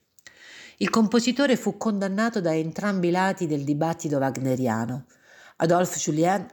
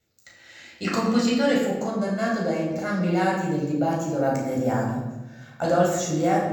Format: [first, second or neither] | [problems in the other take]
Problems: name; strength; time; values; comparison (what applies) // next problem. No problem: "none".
first | off-mic speech; far // room echo; noticeable; dies away in 0.9 s